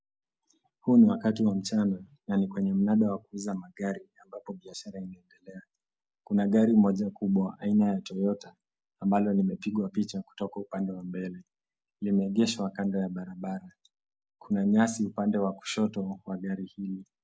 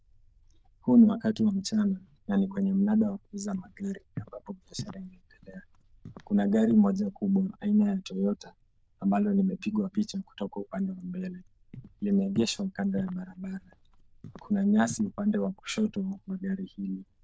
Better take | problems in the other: first | noise reduction (neural diffusion model UNIVERSE++)

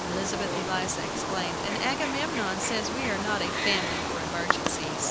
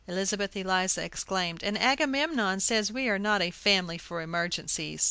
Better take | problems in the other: second | background sound (Wild animals); 2 dB above the speech

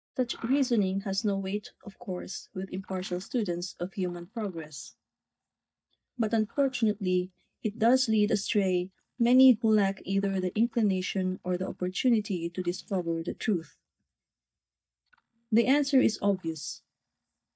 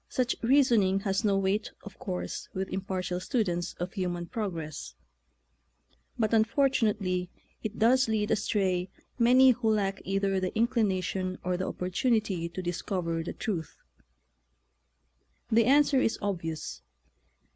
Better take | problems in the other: second | noise reduction (neural mask model DeepFilterNet 3)

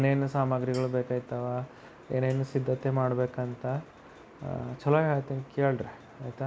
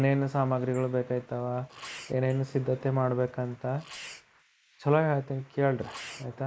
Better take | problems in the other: first | noise reduction (neural mask model Resemble Enhance denoiser)

